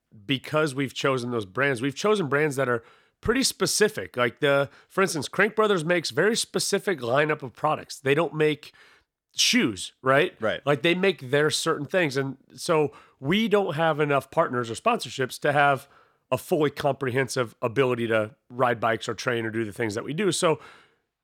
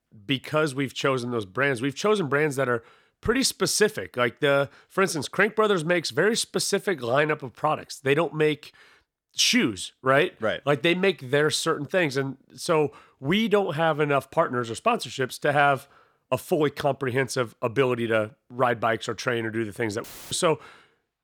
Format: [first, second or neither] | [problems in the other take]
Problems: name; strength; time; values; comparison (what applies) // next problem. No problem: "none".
first | audio cutting out; filled with static; at 20 s